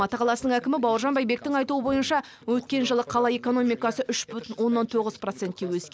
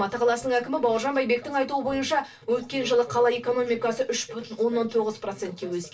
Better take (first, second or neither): first